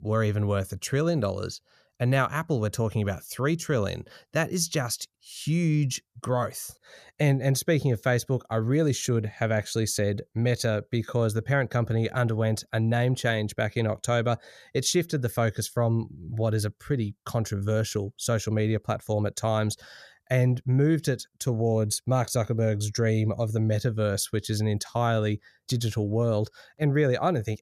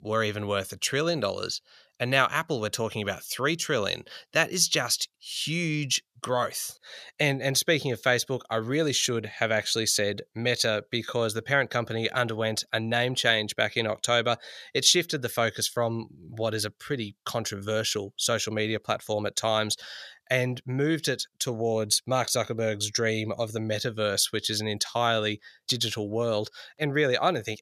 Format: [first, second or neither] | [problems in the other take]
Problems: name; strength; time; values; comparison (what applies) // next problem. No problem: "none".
first | thin; somewhat; fading below 800 Hz